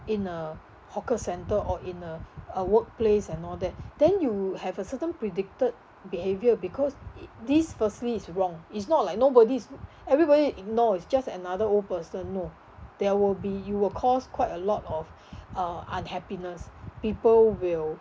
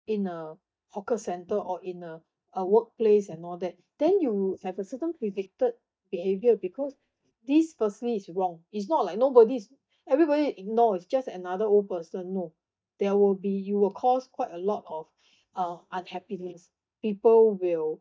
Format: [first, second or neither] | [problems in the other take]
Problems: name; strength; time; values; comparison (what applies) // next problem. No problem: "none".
first | noise reduction (neural mask model DeepFilterNet 3)